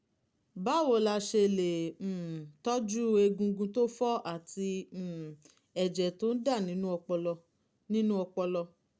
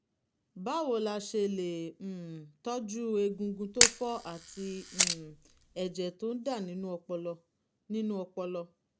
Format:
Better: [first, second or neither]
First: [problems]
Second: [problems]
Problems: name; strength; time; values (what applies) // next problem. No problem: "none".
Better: first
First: none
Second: background sound (Camera); 4 dB above the speech